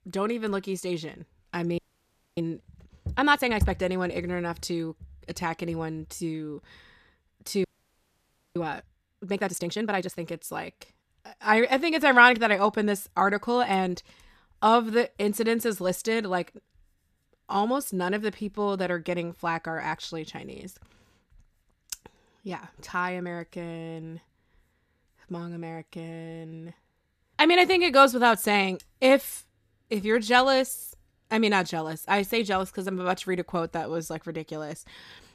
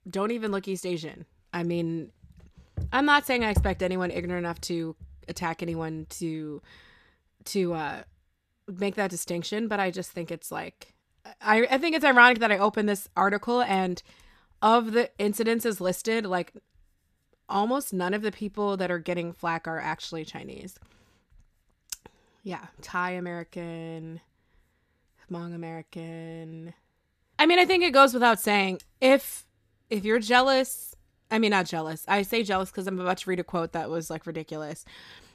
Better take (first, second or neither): second